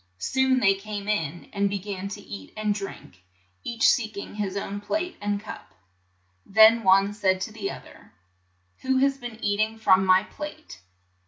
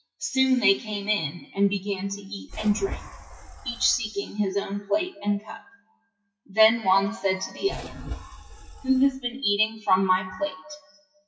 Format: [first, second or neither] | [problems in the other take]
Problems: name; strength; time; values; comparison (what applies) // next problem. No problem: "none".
first | noise reduction (classical method WPE with log-MMSE)